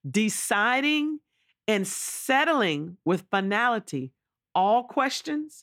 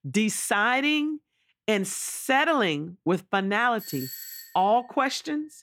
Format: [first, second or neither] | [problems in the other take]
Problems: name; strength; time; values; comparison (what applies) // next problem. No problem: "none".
first | doorbell; faint; at 4 s; peak 10 dB below the speech